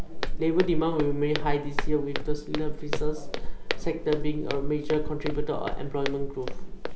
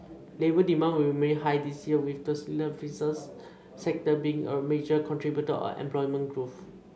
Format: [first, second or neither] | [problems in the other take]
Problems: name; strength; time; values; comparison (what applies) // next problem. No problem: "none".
second | background sound (Walk, footsteps); 3 dB above the speech